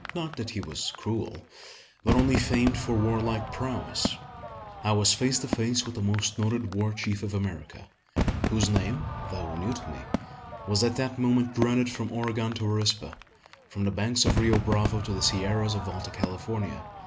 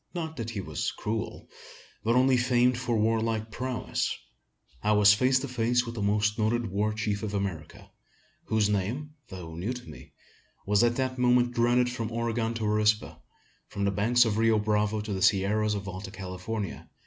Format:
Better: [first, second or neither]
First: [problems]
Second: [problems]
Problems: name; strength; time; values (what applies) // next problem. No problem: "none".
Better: second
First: background sound (Crowd / Fireworks); 6 dB below the speech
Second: none